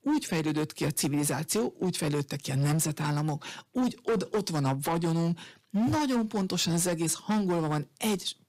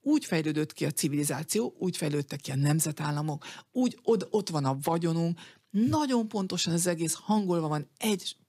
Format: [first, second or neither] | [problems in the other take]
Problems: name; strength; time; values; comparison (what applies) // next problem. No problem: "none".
second | distortion; slight; 14% of the sound clipped